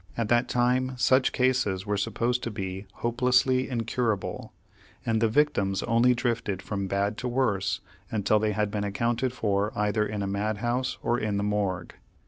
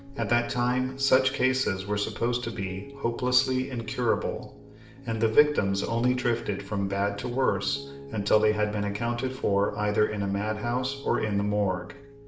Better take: first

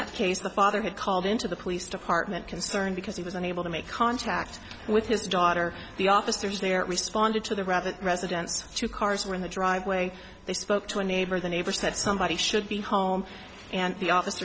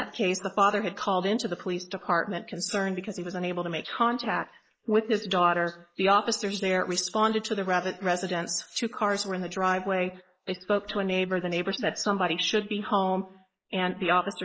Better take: first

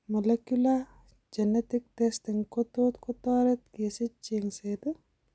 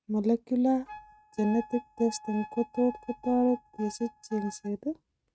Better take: first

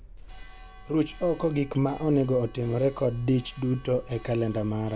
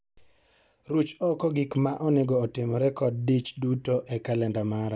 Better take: second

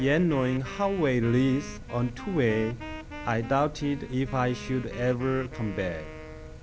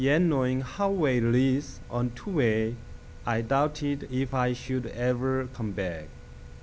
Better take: second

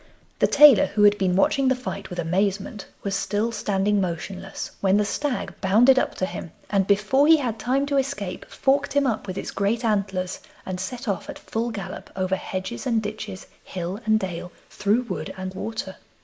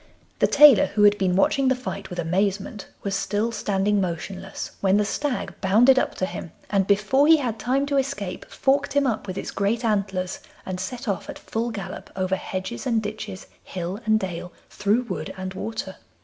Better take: second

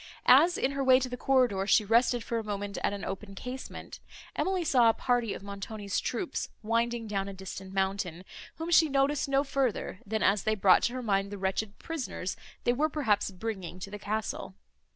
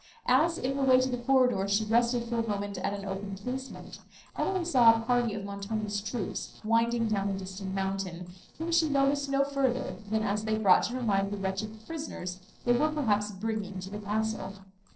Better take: first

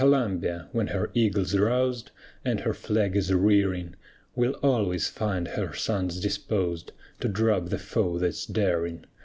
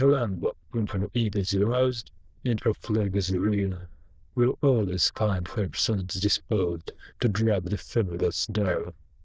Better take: first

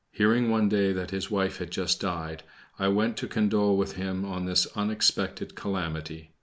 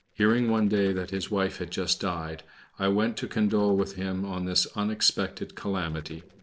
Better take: first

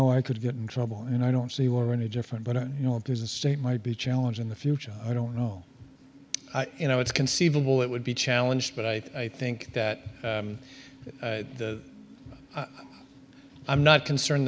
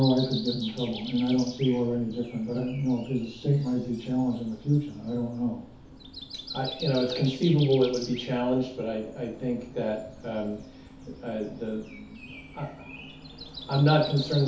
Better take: first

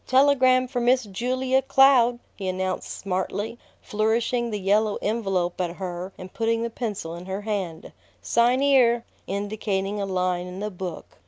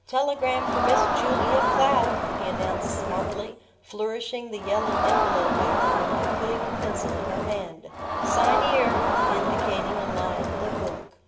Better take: first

